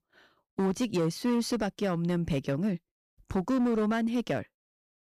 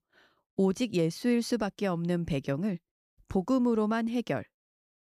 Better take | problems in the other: second | distortion; slight; 8% of the sound clipped

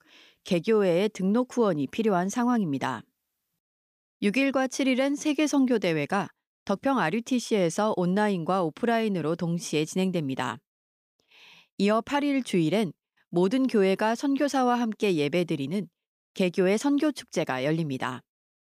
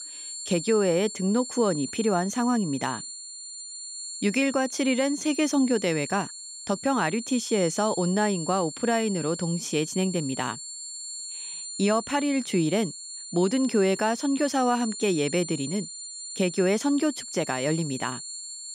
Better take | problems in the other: first | high-pitched whine; loud; throughout; 7.5 kHz, 9 dB below the speech

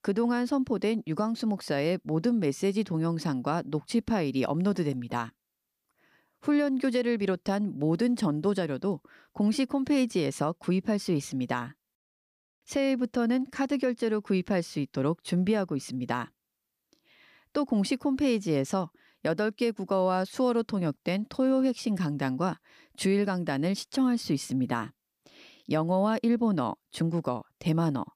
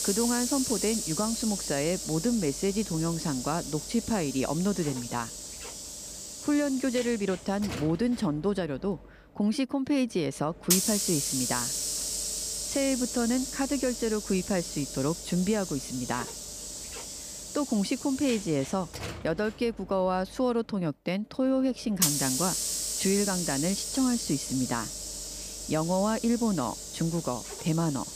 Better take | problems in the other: first | hiss; loud; throughout; 3 dB below the speech

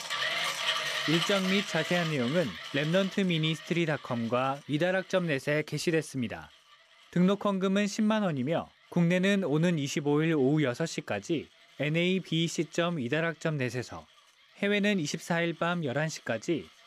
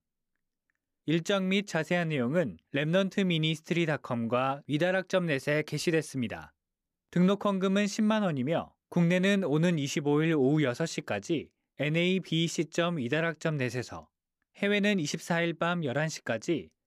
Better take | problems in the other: second | machinery noise; loud; throughout; 4 dB below the speech

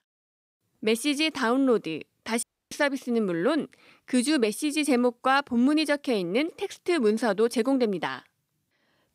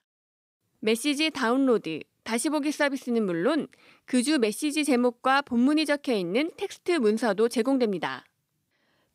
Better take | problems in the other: second | audio cutting out; at 2.5 s

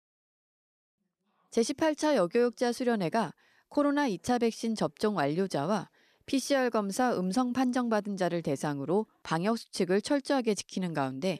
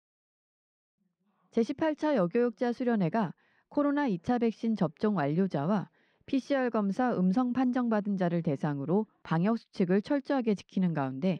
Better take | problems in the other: first | muffled; slightly; fading above 3 kHz

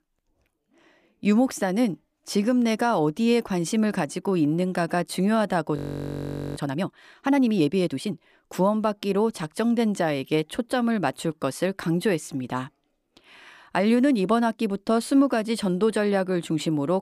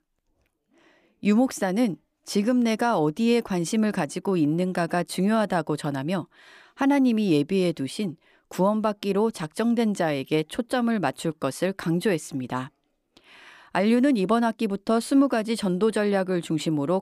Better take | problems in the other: second | audio freezing; at 6 s for 1 s

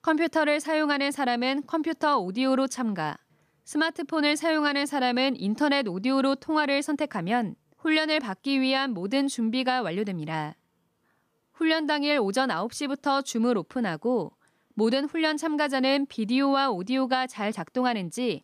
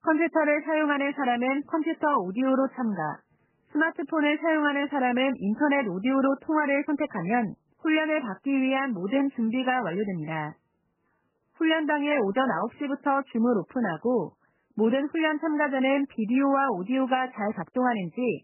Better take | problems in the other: first | garbled, watery; badly; nothing above 3 kHz

